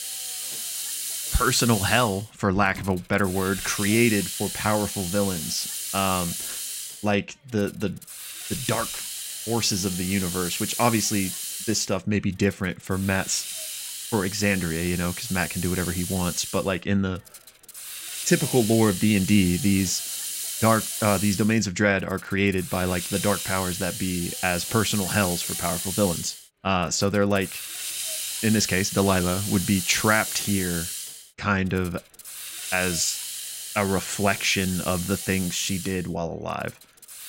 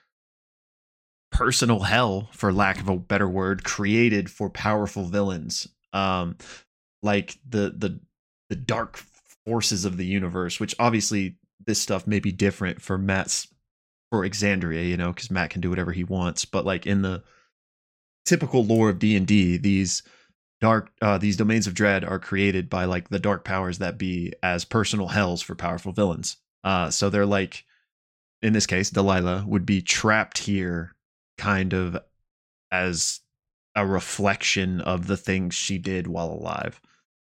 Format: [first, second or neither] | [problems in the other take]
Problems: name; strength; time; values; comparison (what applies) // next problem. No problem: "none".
second | hiss; loud; throughout; 5 dB below the speech